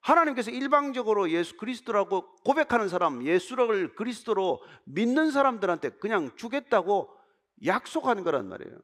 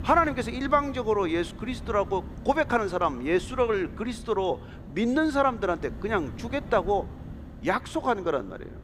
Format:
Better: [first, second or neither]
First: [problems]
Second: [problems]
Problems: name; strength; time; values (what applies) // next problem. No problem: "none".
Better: first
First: none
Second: wind noise on the microphone; occasional gusts; 20 dB below the speech